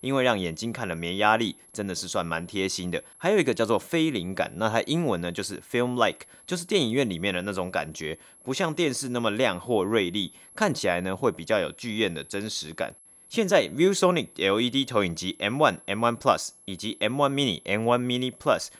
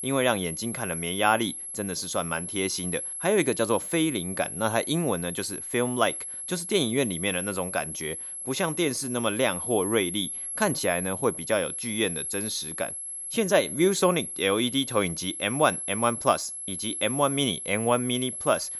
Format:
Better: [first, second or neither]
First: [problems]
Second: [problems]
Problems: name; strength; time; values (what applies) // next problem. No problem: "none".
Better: first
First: high-pitched whine; faint; throughout; 11 kHz, 25 dB below the speech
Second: high-pitched whine; loud; throughout; 11 kHz, 5 dB below the speech